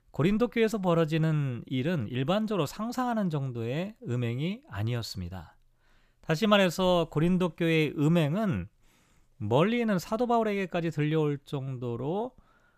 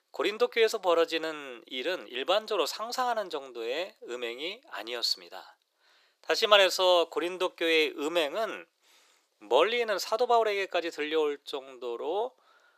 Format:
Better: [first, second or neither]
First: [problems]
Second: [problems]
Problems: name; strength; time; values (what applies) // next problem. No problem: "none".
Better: first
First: none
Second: thin; very; fading below 400 Hz